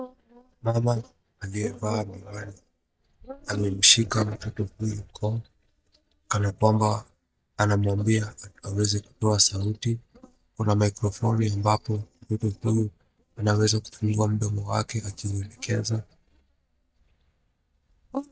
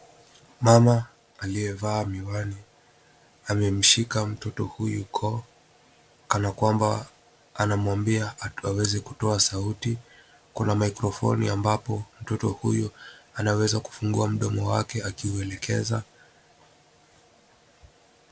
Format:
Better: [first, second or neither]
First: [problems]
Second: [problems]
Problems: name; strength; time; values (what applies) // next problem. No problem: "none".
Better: second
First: noise reduction (neural mask model DeepFilterNet 3)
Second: none